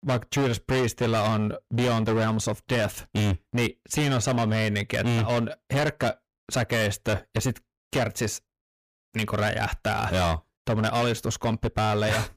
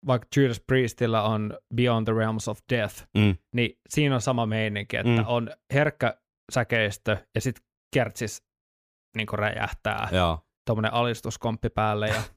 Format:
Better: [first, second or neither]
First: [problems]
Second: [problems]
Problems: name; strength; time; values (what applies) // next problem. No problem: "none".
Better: second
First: distortion; heavy; 19% of the sound clipped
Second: none